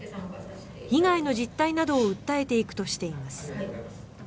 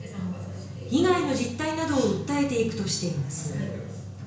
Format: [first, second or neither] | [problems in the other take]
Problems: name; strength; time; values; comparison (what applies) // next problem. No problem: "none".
first | background sound (Bowed string instrument); 15 dB below the speech // room echo; dies away in 0.5 s